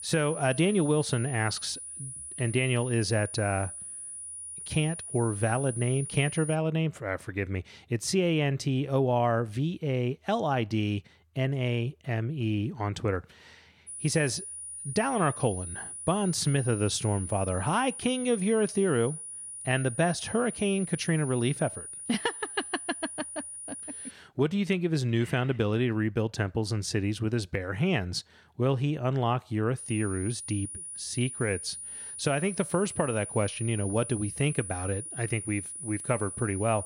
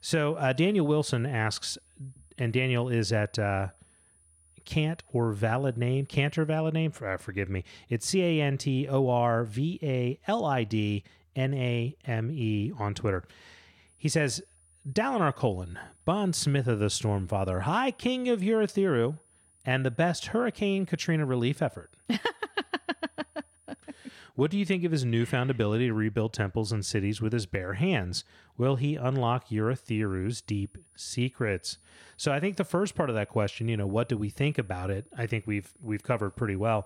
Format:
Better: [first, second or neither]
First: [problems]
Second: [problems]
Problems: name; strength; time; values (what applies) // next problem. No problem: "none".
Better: second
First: high-pitched whine; loud; until 6.5 s, from 14 to 24 s and from 30 s on; 9.5 kHz, 8 dB below the speech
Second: high-pitched whine; faint; until 6.5 s, from 14 to 24 s and from 30 s on; 9.5 kHz, 30 dB below the speech